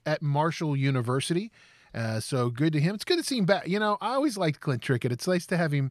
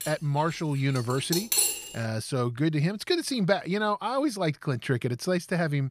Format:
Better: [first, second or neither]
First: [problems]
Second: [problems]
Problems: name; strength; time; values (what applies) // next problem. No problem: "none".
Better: first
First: none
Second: clattering dishes; loud; until 2 s; peak 5 dB above the speech